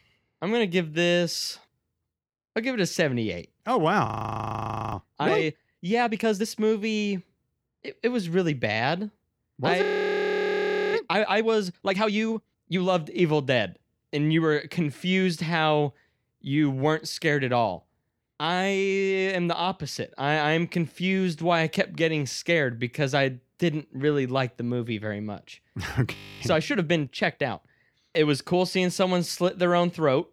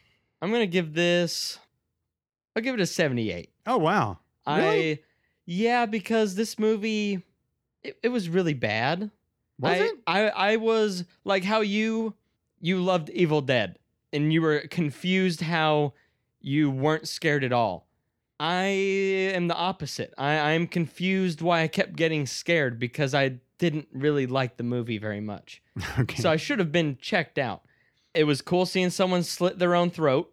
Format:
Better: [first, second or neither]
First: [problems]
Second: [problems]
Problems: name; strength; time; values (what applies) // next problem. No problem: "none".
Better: second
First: audio freezing; at 4 s for 1 s, at 10 s for 1 s and at 26 s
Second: none